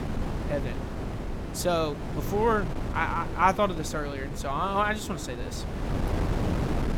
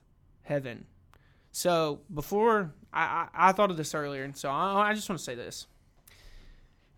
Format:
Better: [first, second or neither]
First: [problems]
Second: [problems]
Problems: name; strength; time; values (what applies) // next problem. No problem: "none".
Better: second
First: wind noise on the microphone; occasional gusts; 10 dB below the speech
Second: none